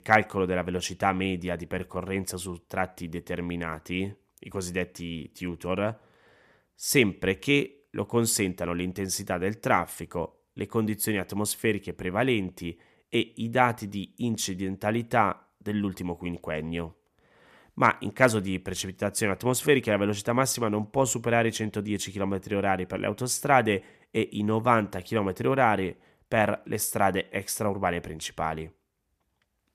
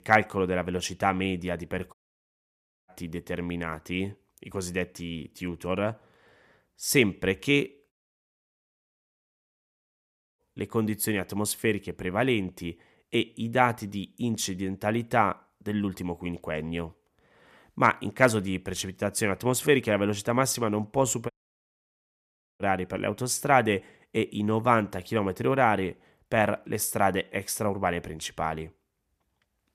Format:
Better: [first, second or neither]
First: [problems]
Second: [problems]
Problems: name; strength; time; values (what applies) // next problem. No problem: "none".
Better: first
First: none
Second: audio cutting out; at 2 s for 1 s, at 8 s for 2.5 s and at 21 s for 1.5 s